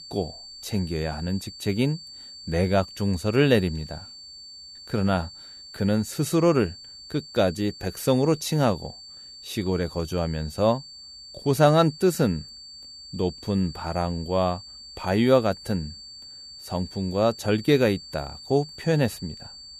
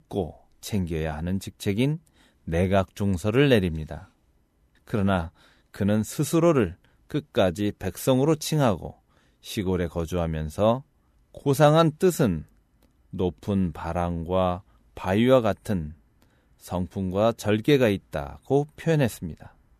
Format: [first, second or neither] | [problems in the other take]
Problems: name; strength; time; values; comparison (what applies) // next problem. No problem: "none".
second | high-pitched whine; noticeable; throughout; 4.5 kHz, 15 dB below the speech